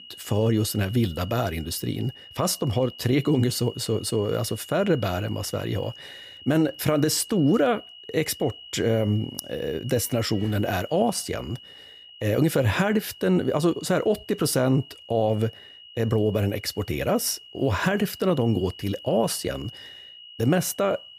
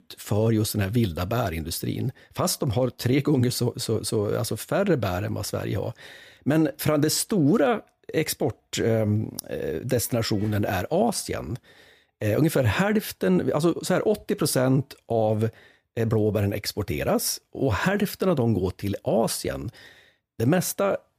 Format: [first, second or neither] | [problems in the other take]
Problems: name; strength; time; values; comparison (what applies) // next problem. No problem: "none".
second | high-pitched whine; noticeable; throughout; 3 kHz, 20 dB below the speech